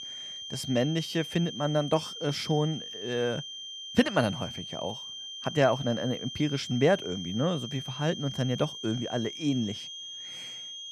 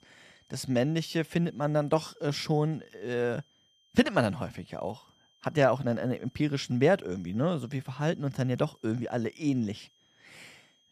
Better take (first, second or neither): second